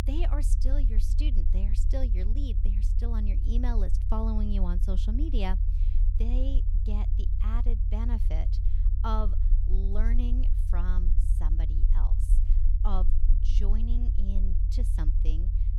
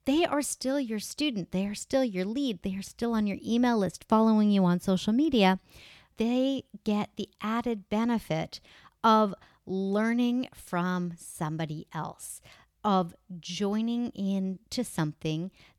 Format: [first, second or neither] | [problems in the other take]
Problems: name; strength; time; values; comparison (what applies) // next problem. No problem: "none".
second | low rumble; loud; throughout; 8 dB below the speech